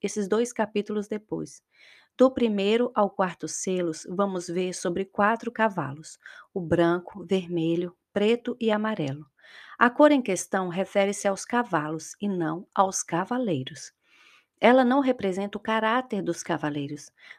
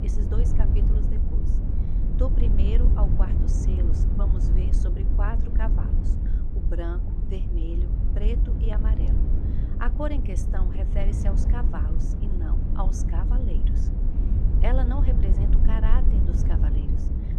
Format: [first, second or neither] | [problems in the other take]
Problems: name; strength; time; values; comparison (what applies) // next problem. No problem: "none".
first | low rumble; loud; throughout; 2 dB below the speech